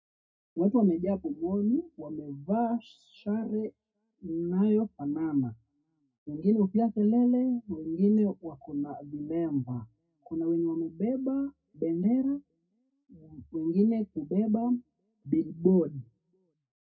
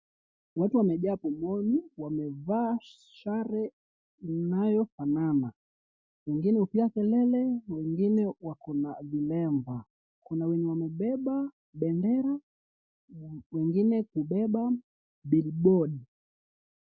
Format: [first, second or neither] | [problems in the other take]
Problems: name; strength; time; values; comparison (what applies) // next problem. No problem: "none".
second | room echo; dies away in 0.2 s